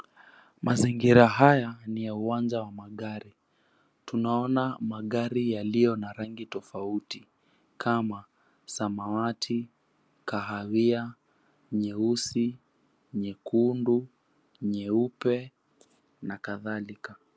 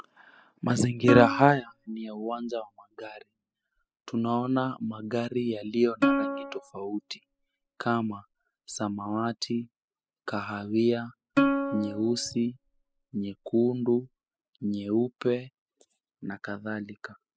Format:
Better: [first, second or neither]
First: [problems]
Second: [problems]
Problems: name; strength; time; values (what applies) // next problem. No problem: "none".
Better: first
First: none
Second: noise reduction (classical method spectral subtraction)